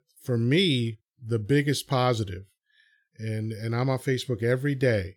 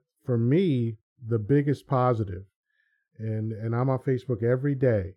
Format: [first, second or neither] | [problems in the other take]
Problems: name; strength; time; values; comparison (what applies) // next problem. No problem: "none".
first | muffled; very; fading above 1.5 kHz